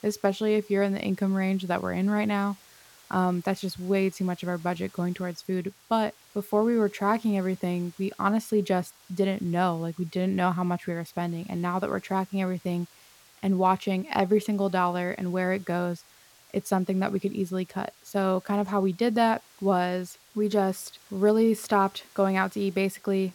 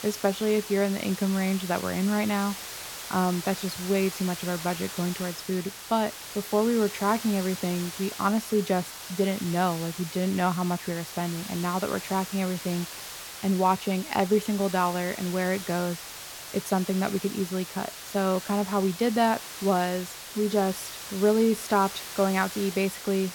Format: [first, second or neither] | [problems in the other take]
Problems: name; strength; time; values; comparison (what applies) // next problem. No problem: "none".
first | hiss; loud; throughout; 9 dB below the speech; faint in the first